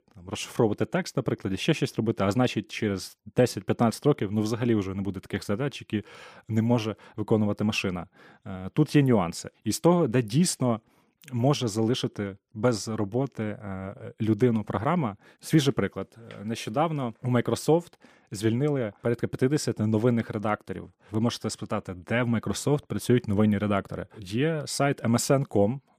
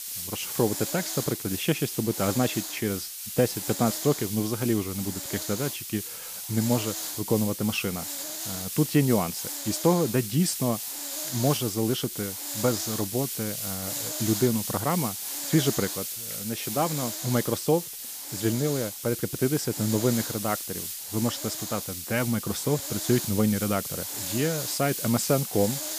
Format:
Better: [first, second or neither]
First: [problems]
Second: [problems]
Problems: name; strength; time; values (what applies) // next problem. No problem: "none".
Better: first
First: none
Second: hiss; loud; throughout; 4 dB below the speech